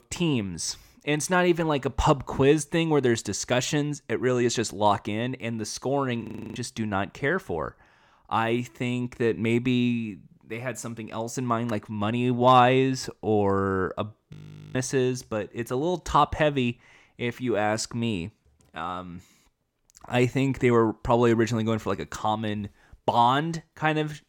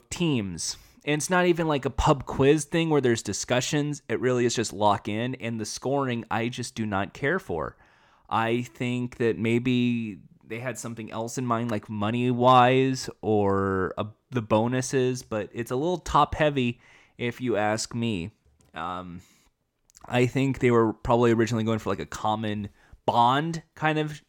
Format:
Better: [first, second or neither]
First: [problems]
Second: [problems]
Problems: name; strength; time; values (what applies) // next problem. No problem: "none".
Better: second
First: audio freezing; at 6 s and at 14 s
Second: none